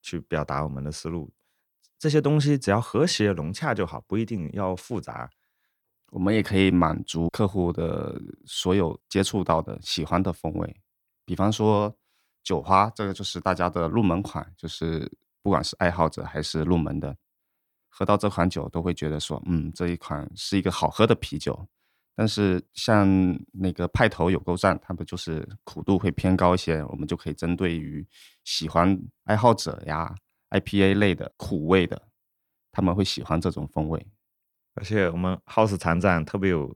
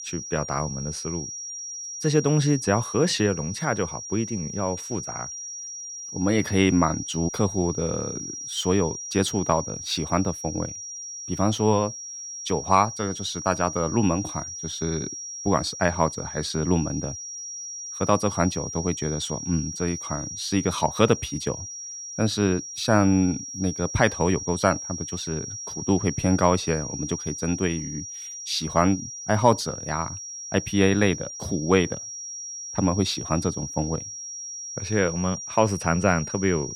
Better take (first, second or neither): first